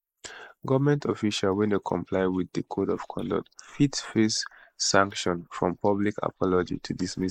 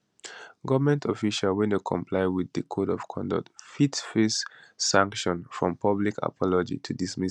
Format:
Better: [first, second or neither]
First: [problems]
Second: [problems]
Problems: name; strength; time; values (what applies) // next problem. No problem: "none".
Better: second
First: noise reduction (neural mask model Resemble Enhance denoiser)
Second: none